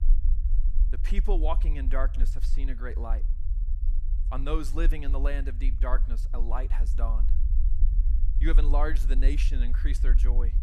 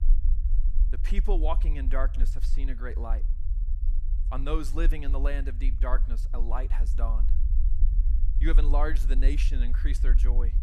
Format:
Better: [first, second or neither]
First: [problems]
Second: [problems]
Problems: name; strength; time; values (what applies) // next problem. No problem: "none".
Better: neither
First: low rumble; noticeable; throughout; 15 dB below the speech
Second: low rumble; noticeable; throughout; 15 dB below the speech